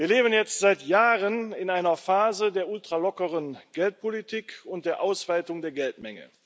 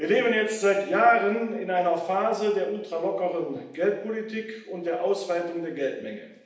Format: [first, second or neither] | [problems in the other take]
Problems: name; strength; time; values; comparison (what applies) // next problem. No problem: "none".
first | room echo; dies away in 0.8 s